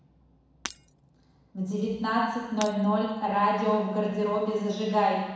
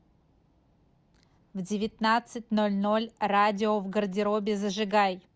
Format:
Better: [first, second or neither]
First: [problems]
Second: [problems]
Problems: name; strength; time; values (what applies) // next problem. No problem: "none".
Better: second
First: background sound (Shatter); 19 dB below the speech // room echo; dies away in 1.1 s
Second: none